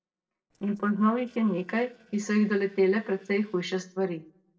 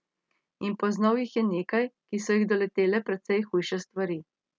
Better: second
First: noise reduction (neural separator model SepFormer DNS4)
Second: none

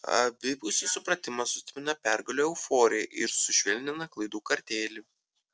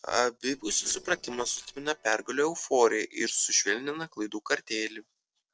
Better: first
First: none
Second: noise reduction (neural separator model SepFormer DNS4)

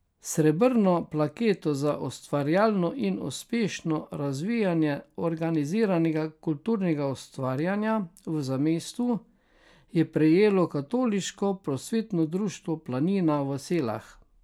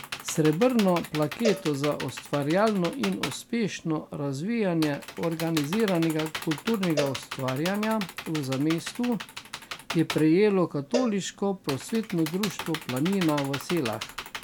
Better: first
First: none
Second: background sound (Cowbell + Computer keyboard); 10 dB below the speech

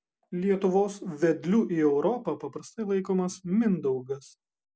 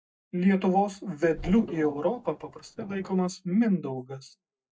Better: first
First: none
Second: noise reduction (neural mask model DeepFilterNet 3)

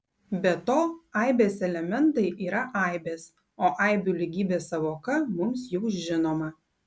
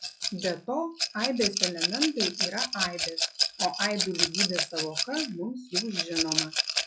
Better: first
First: none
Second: noise reduction (classical method log-MMSE)

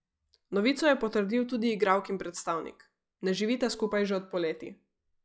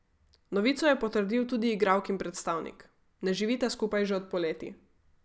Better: second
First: noise reduction (classical method log-MMSE)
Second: none

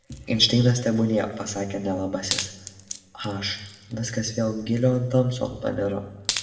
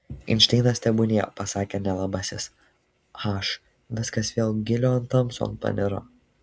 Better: second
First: background sound (Wood); 13 dB below the speech // room echo; dies away in 1.4 s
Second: none

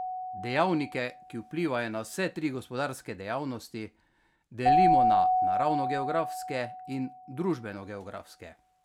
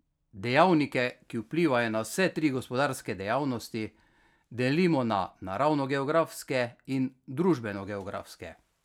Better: second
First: background sound (Keyboard (musical)); 2 dB above the speech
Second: none

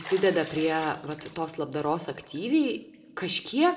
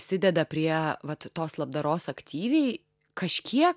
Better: second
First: background sound (Bathtub (filling or washing)); 20 dB below the speech // room echo; dies away in 1.2 s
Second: none

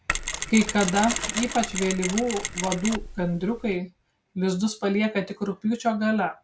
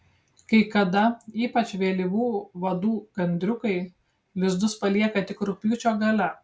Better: second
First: background sound (Mechanisms); 6 dB below the speech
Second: none

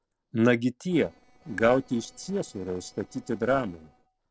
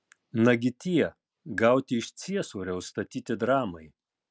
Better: second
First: noise reduction (neural separator model SepFormer DNS4)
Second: none

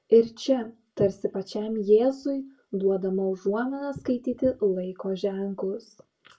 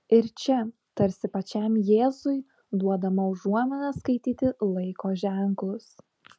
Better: second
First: room echo; dies away in 0.2 s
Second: none

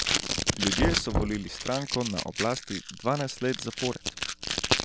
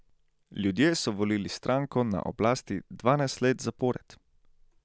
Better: second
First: background sound (Knock + Packing tape, duct tape); 1 dB above the speech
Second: none

